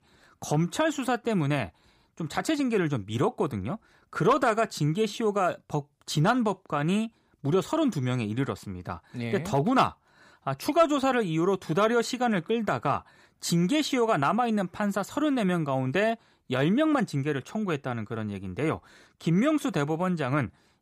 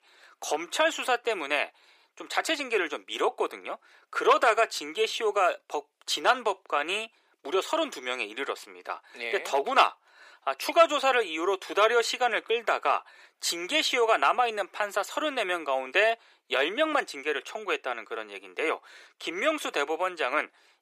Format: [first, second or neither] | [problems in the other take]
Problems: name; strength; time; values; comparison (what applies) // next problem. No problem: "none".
first | thin; very; fading below 400 Hz